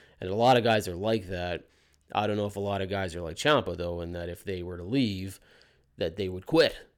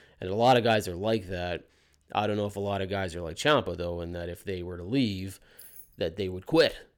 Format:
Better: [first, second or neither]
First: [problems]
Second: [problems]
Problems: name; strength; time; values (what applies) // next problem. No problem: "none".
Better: first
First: none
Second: jangling keys; faint; at 5.5 s; peak 20 dB below the speech